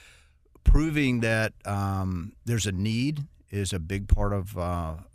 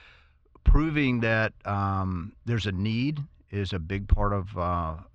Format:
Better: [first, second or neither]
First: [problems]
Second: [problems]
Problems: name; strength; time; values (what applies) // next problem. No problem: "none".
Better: first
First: none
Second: muffled; slightly; fading above 4.5 kHz